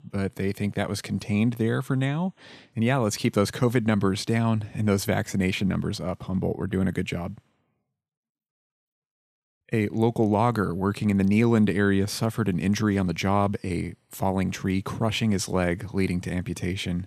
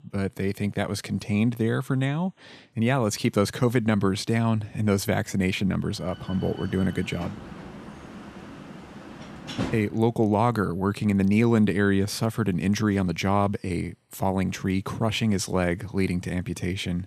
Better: first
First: none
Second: door banging; noticeable; from 6 to 10 s; peak 6 dB below the speech

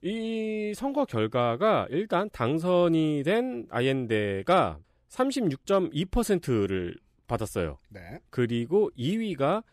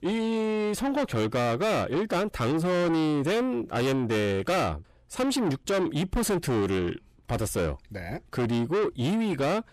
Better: first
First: none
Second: distortion; heavy; 6 dB below the speech

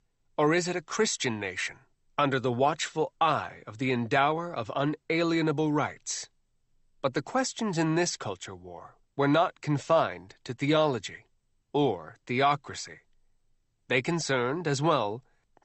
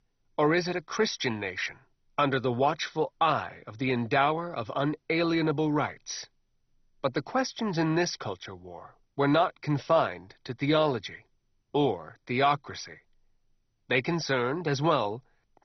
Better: first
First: garbled, watery; slightly; nothing above 8 kHz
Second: garbled, watery; badly; nothing above 6 kHz

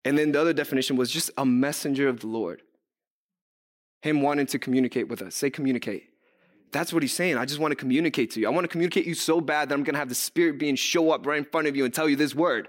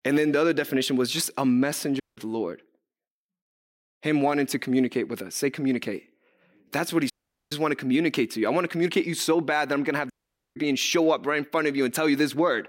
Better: first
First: none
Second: audio cutting out; at 2 s, at 7 s and at 10 s

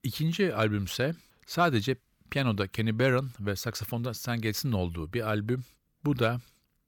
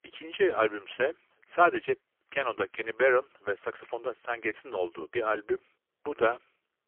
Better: first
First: none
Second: phone-call audio; poor line; nothing above 3.5 kHz

